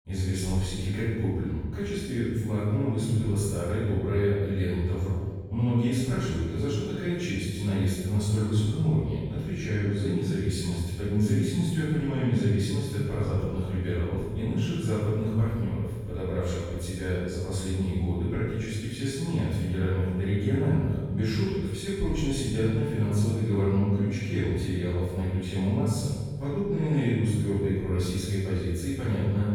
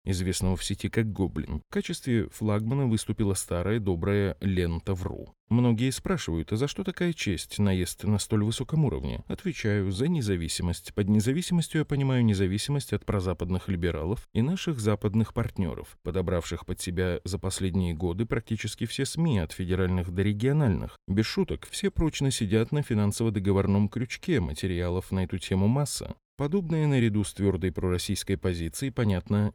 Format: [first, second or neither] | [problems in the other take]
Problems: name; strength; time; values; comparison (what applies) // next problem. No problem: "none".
second | off-mic speech; far // room echo; strong; dies away in 1.4 s